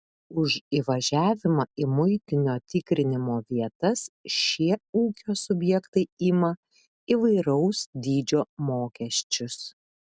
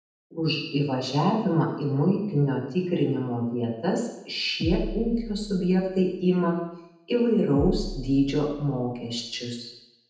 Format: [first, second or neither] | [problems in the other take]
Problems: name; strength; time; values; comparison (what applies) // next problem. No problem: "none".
first | background sound (Bass drum); 10 dB below the speech // room echo; dies away in 0.9 s